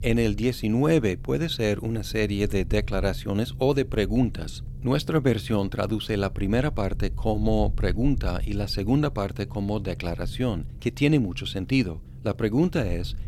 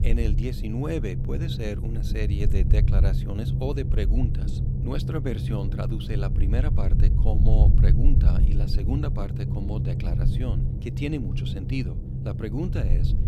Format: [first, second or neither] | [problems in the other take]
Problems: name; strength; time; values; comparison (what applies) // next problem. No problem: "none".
first | low rumble; loud; throughout; 3 dB below the speech; faint in the first